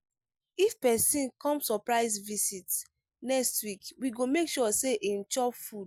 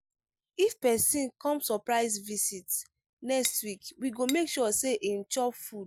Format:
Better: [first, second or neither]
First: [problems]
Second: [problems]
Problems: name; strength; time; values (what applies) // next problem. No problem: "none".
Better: first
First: none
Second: background sound (Cutlery, silverware / Dishes, pots, and pans); 12 dB below the speech